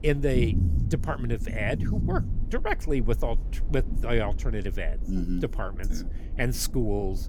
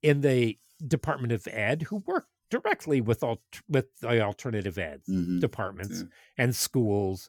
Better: second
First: low rumble; noticeable; throughout; 10 dB below the speech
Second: none

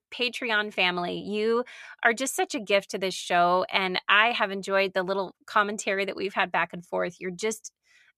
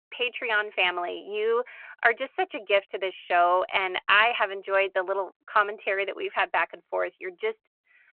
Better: first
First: none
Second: phone-call audio

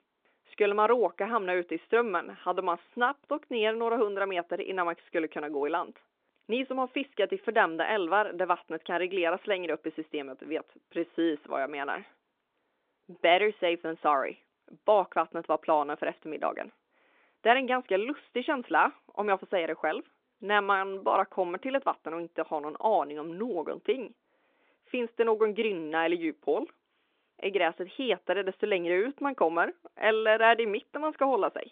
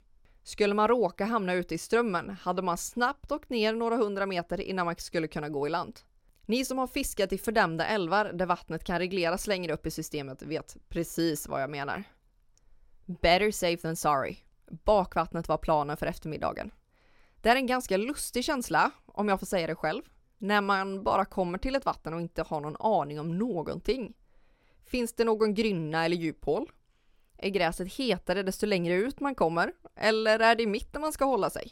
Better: second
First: phone-call audio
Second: none

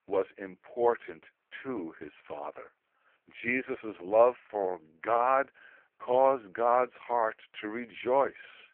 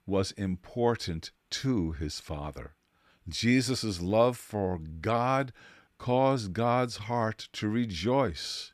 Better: second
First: phone-call audio; poor line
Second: none

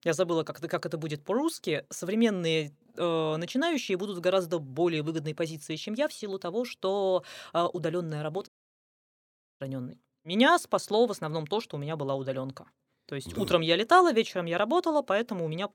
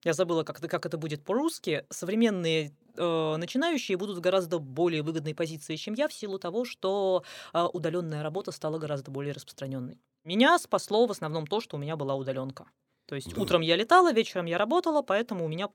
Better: second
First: audio cutting out; at 8.5 s for 1 s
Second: none

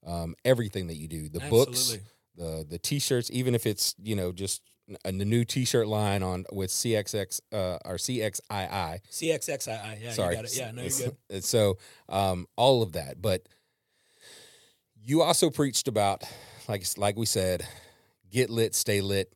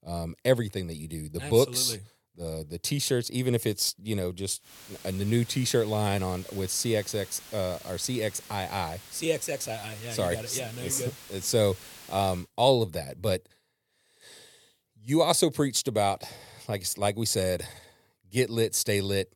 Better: first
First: none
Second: hiss; noticeable; from 4.5 to 12 s; 15 dB below the speech

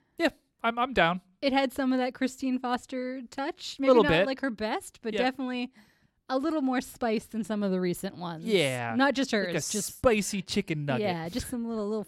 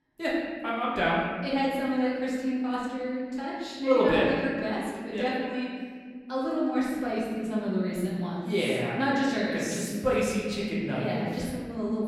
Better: first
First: none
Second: room echo; noticeable; dies away in 1.7 s // off-mic speech; far

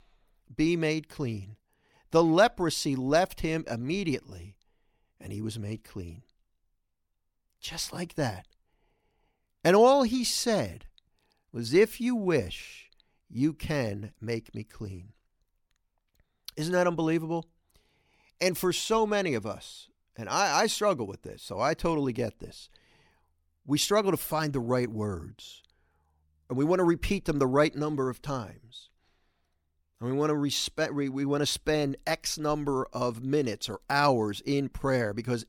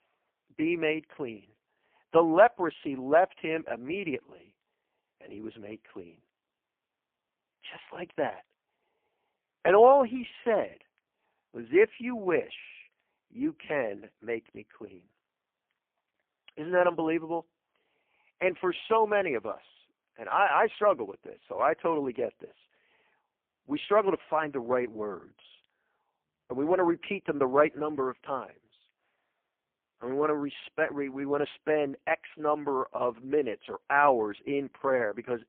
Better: first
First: none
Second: phone-call audio; poor line

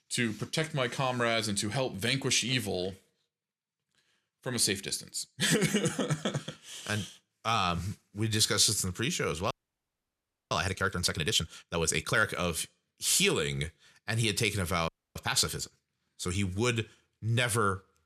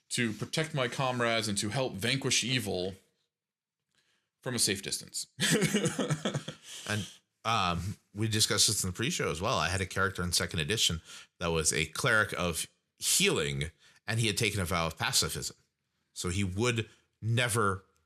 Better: second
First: audio freezing; at 9.5 s for 1 s and at 15 s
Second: none

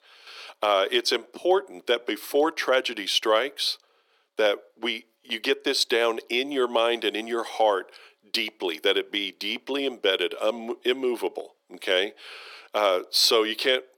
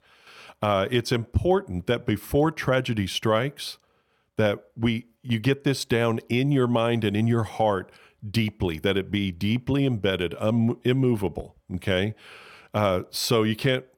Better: second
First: thin; very; fading below 350 Hz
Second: none

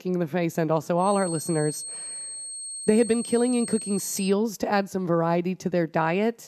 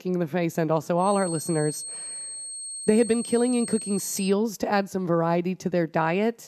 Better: neither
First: high-pitched whine; loud; from 1 to 4.5 s; 8.5 kHz, 8 dB below the speech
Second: high-pitched whine; loud; from 1 to 4.5 s; 8.5 kHz, 8 dB below the speech

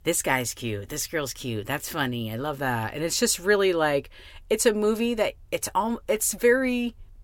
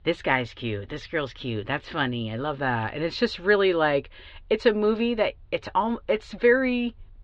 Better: first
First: none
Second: muffled; slightly; fading above 4 kHz

